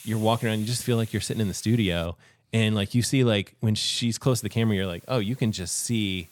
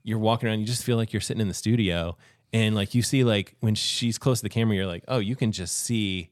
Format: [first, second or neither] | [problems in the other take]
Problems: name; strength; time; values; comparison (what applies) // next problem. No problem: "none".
second | hiss; faint; until 2 s and from 4 s on; 20 dB below the speech